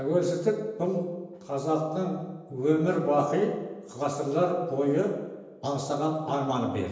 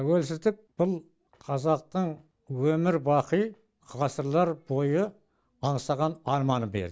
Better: second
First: room echo; dies away in 1 s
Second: none

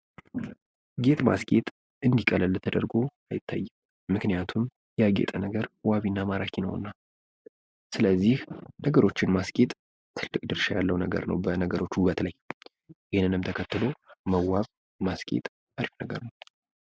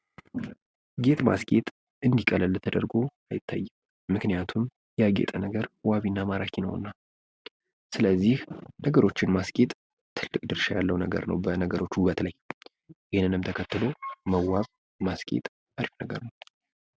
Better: second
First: noise reduction (neural mask model Resemble Enhance denoiser)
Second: none

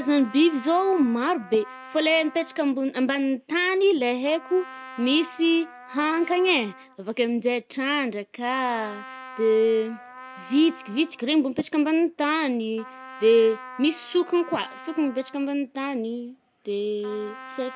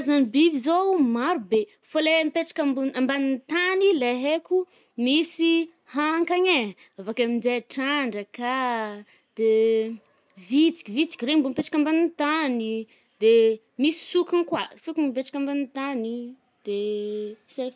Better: second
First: background sound (Trumpet); 19 dB below the speech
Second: none

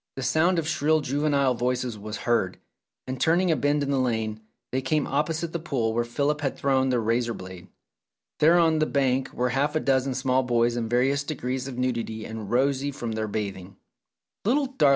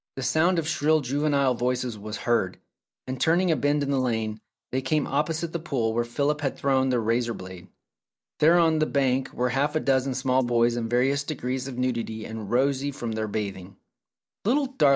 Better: first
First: none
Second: noise reduction (neural mask model Resemble Enhance denoiser)

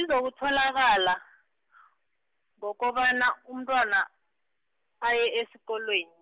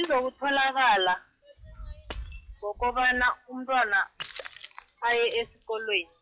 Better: first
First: none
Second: noise reduction (classical method log-MMSE)

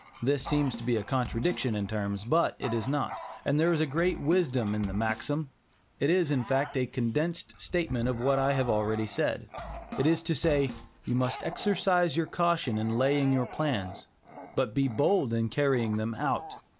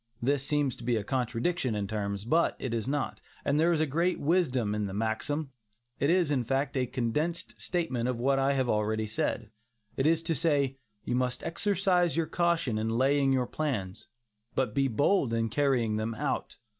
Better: second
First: background sound (Drum kit + Bark / Growling); 14 dB below the speech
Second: none

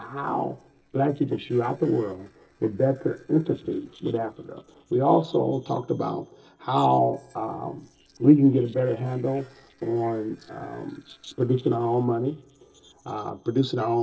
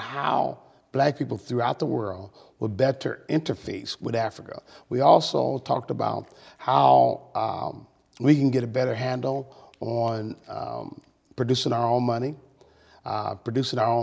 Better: second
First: noise reduction (neural separator model SepFormer DNS4)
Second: none

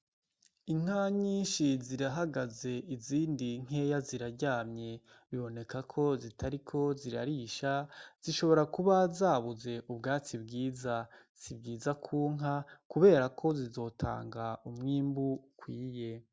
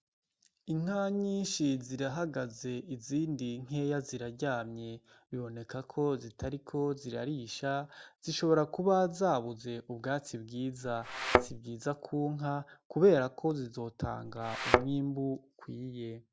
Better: first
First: none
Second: background sound (Thump, thud); 3 dB above the speech

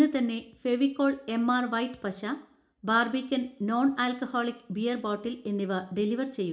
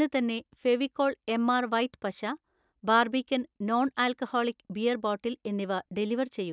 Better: second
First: room echo; dies away in 0.4 s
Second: none

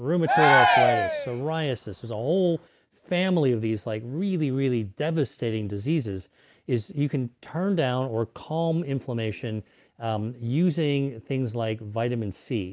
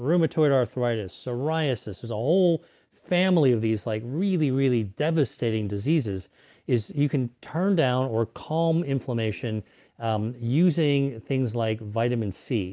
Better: second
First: background sound (Cheering); 3 dB above the speech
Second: none

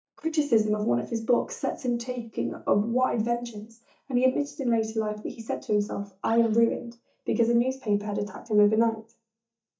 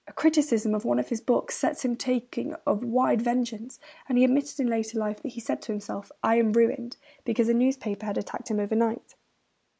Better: second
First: noise reduction (neural mask model DeepFilterNet 3)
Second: none

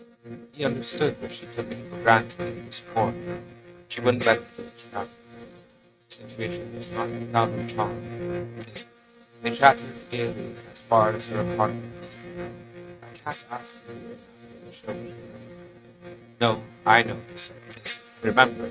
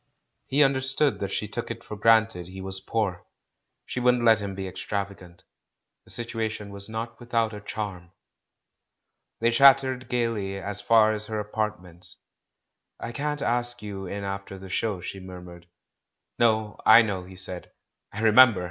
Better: second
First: noise reduction (neural mask model RNNoise)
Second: none

